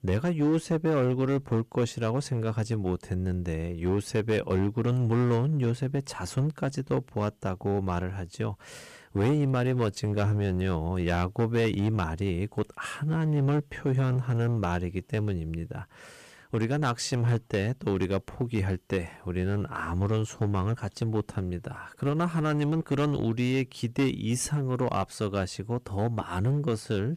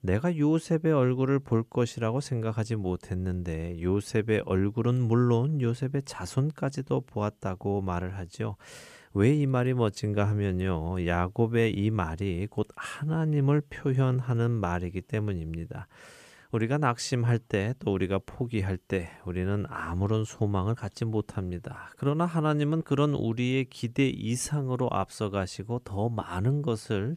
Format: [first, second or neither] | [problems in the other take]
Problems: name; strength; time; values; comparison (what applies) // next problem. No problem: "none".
second | distortion; slight; 7% of the sound clipped